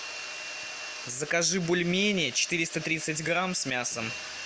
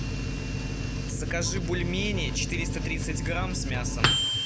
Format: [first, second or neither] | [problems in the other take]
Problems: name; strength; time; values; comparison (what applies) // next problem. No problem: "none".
first | background sound (Microwave oven); 5 dB above the speech